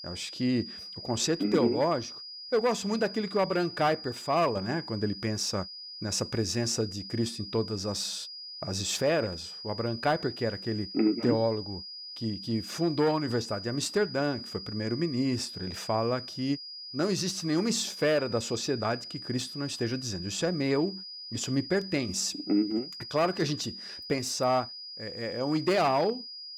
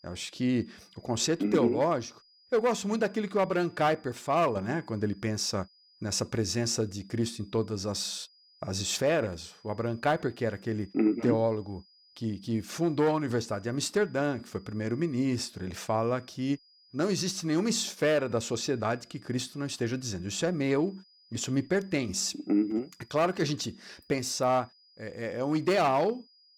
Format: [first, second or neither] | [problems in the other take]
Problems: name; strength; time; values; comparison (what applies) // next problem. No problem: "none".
second | high-pitched whine; loud; throughout; 5 kHz, 10 dB below the speech; faint in the second